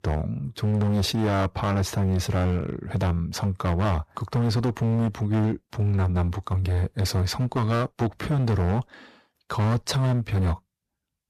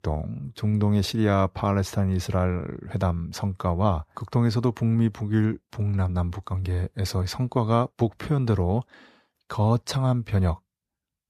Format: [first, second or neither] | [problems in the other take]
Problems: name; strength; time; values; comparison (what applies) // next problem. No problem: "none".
second | distortion; heavy; 18% of the sound clipped